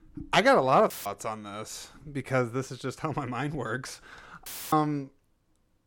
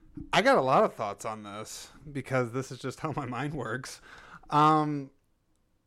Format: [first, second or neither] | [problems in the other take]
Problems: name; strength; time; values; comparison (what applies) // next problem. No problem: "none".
second | audio cutting out; filled with static; at 1 s and at 4.5 s